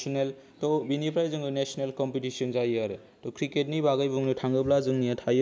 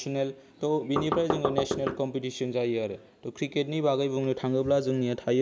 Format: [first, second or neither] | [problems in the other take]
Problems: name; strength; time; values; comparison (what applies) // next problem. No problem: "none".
first | background sound (Knock); 1 dB below the speech